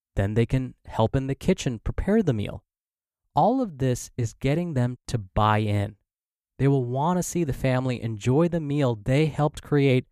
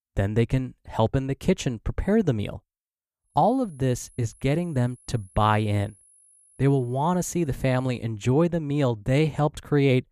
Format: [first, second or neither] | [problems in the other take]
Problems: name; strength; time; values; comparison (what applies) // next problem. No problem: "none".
first | high-pitched whine; faint; from 3.5 to 8 s; 10.5 kHz, 30 dB below the speech